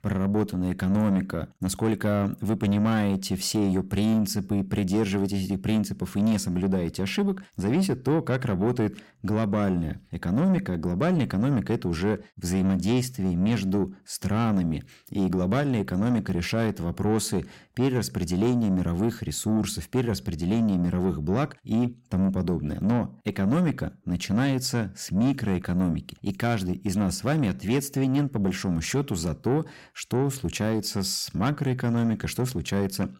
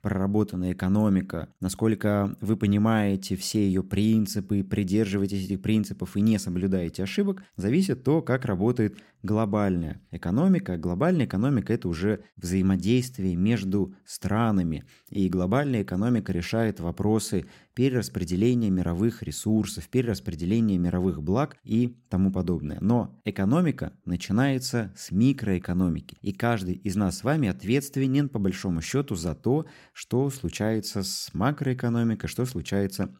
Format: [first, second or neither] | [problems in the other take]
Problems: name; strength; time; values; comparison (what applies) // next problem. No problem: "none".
second | distortion; slight; 10 dB below the speech